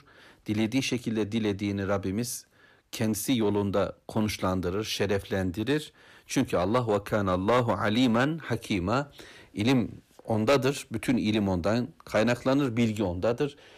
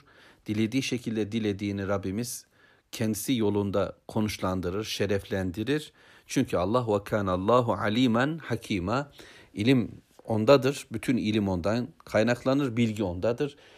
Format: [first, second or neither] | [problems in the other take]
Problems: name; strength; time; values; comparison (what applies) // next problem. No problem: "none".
second | distortion; slight; 4% of the sound clipped